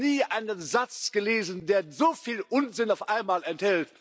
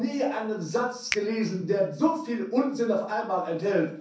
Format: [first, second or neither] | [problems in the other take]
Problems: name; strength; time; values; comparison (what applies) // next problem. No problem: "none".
first | background sound (Finger snapping); 15 dB below the speech // room echo; dies away in 0.6 s